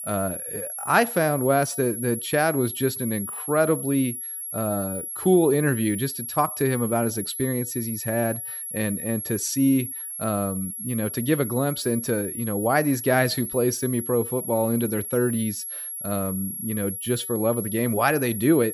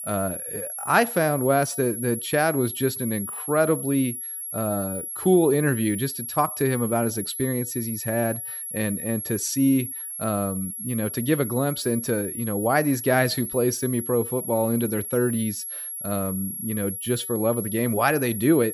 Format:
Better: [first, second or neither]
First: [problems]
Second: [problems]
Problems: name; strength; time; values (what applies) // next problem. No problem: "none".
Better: neither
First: high-pitched whine; loud; throughout; 11.5 kHz, 6 dB below the speech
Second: high-pitched whine; loud; throughout; 11.5 kHz, 6 dB below the speech